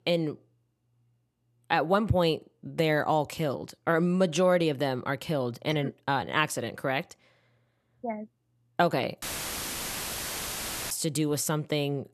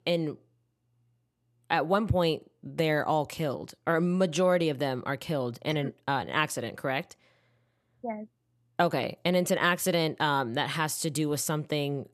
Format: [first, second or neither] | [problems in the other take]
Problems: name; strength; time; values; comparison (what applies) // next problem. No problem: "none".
second | audio cutting out; filled with static; at 9 s for 1.5 s